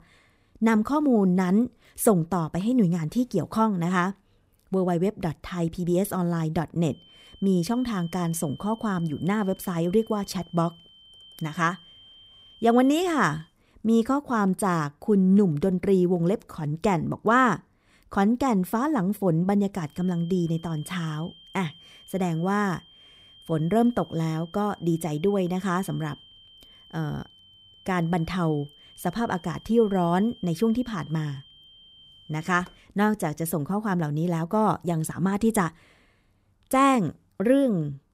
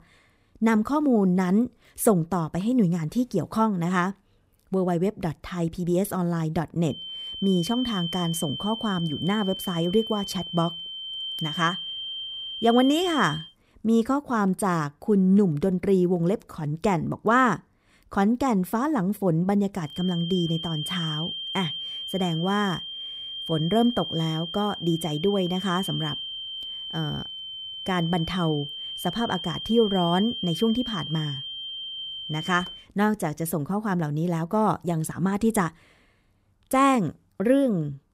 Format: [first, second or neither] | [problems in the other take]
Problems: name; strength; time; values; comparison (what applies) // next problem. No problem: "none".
first | high-pitched whine; loud; from 7 to 13 s and from 20 to 33 s; 3 kHz, 7 dB below the speech; faint in the first